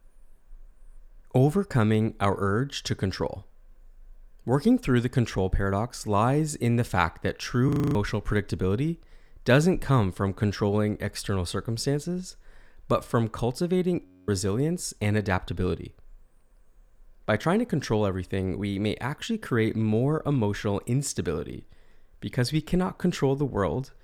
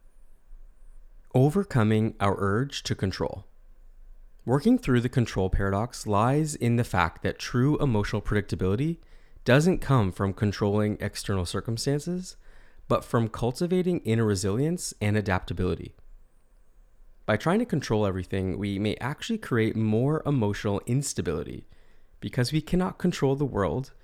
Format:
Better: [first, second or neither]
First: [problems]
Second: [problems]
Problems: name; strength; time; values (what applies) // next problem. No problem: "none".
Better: second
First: audio freezing; at 7.5 s and at 14 s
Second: none